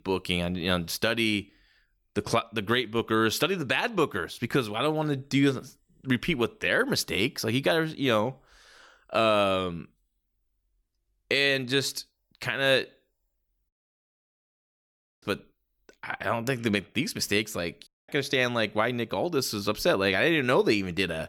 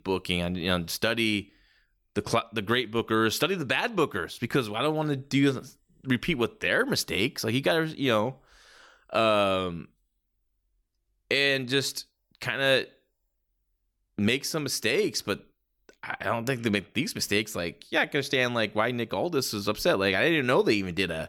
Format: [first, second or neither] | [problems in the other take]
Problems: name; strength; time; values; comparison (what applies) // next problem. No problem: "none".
second | audio cutting out; at 14 s for 1.5 s and at 18 s